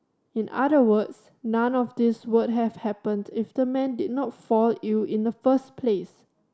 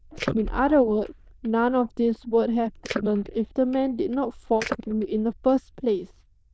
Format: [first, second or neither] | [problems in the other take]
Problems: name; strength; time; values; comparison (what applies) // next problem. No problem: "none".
first | noise reduction (neural diffusion model UNIVERSE++)